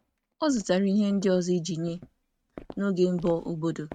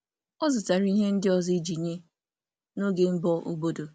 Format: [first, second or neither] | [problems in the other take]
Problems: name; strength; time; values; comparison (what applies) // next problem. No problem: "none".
second | noise reduction (neural mask model RNNoise)